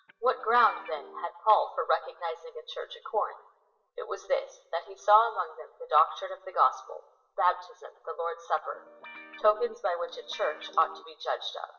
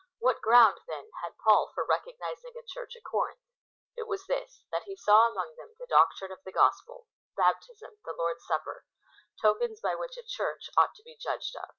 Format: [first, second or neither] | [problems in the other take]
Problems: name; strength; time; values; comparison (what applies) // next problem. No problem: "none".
second | background sound (Guitar); 19 dB below the speech // room echo; dies away in 0.7 s